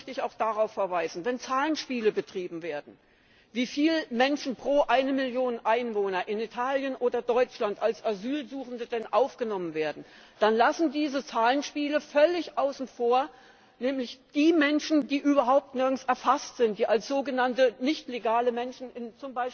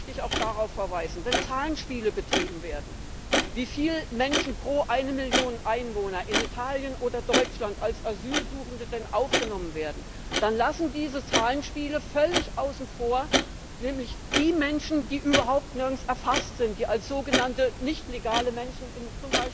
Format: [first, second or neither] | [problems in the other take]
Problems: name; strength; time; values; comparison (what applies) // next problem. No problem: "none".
first | background sound (Clock); 2 dB below the speech